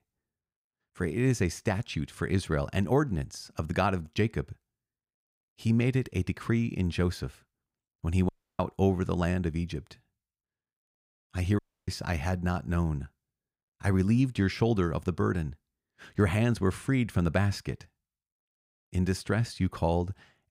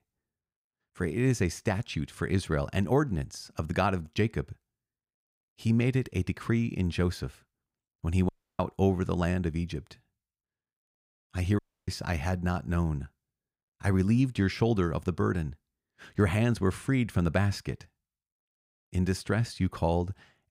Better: neither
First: audio cutting out; at 8.5 s and at 12 s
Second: audio cutting out; at 8.5 s and at 12 s

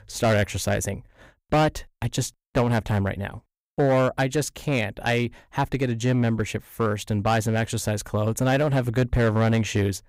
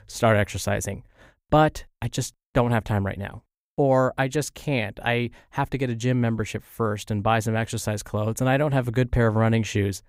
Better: second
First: distortion; slight; 6% of the sound clipped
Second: none

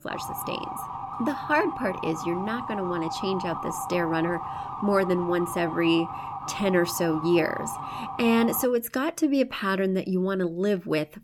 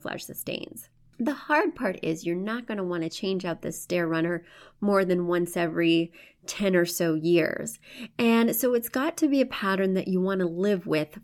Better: second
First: siren; noticeable; until 8.5 s; peak 6 dB below the speech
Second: none

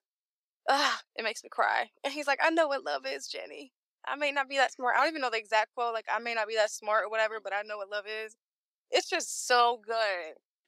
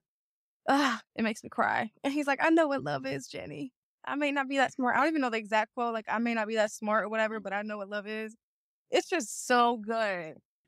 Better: second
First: thin; very; fading below 400 Hz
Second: none

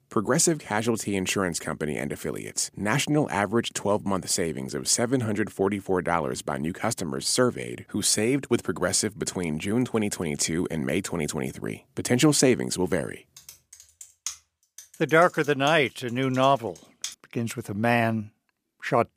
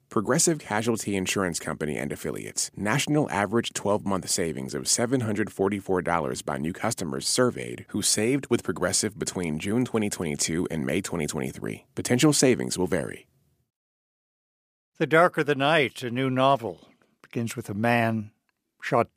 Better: second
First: keyboard typing; faint; from 13 to 17 s; peak 10 dB below the speech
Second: none

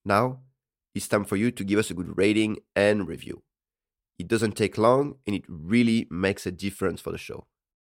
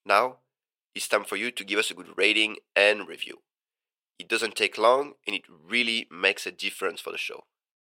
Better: first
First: none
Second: thin; very; fading below 600 Hz

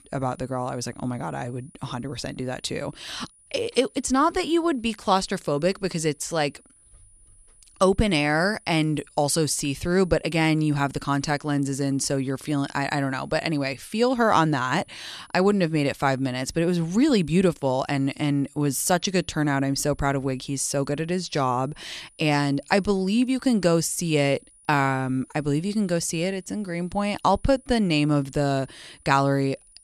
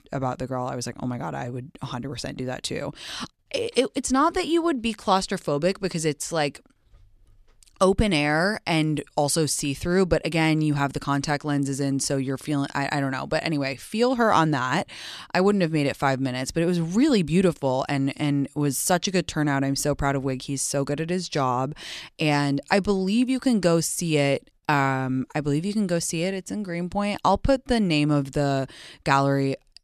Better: second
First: high-pitched whine; faint; throughout; 9.5 kHz, 30 dB below the speech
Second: none

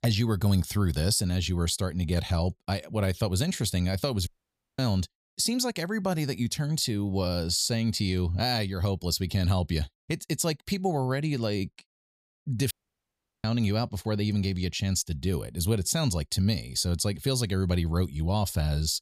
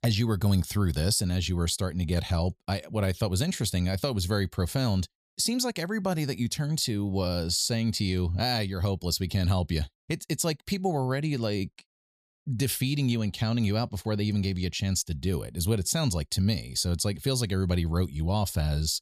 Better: second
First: audio cutting out; at 4.5 s for 0.5 s and at 13 s for 0.5 s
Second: none

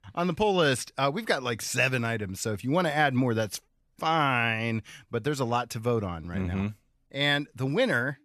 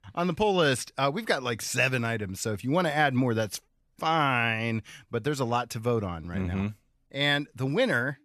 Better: neither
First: none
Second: none

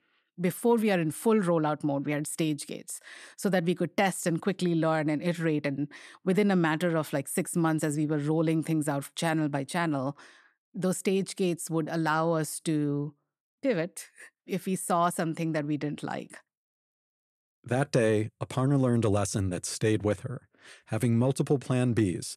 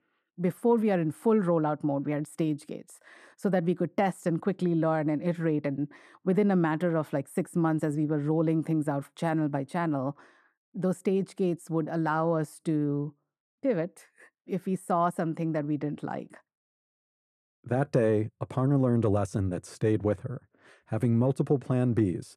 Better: first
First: none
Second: muffled; slightly; fading above 2 kHz

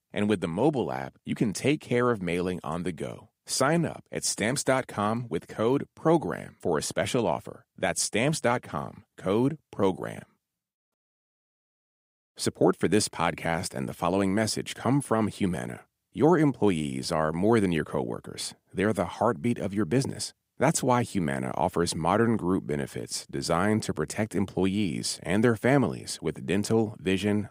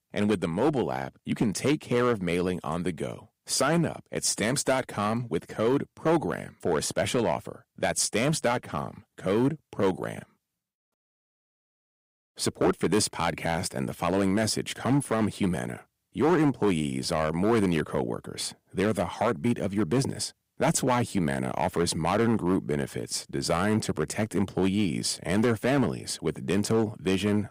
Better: first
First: none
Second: distortion; slight; 4% of the sound clipped

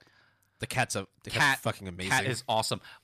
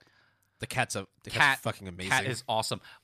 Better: second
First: distortion; slight; 1.1% of the sound clipped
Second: none

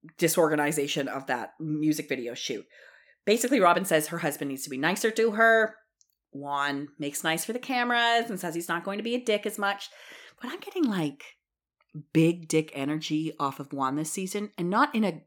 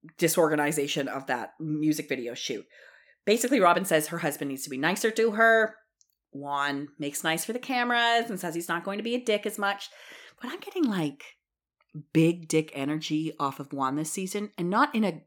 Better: neither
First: none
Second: none

